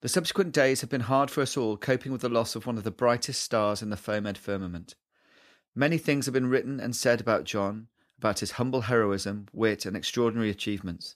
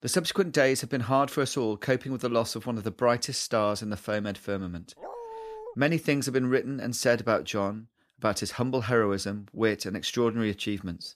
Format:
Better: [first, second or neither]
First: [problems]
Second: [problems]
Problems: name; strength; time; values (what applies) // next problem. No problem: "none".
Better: first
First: none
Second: dog barking; faint; at 5 s; peak 10 dB below the speech